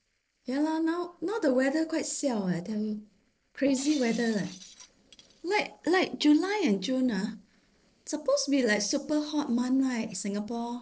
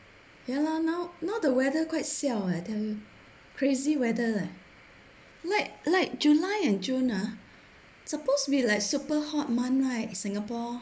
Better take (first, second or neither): second